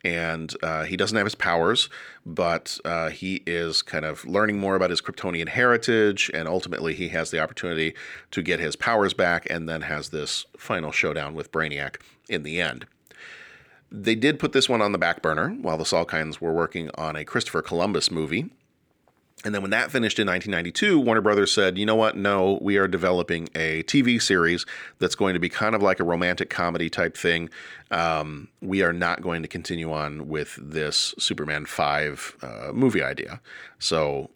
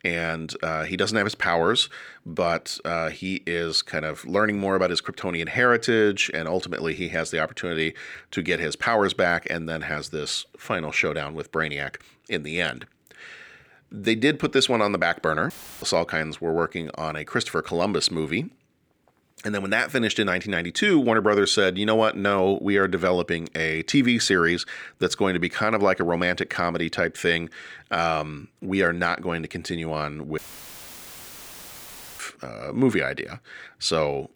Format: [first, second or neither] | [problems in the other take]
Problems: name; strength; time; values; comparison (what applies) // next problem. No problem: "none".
first | audio cutting out; filled with static; at 16 s and at 30 s for 2 s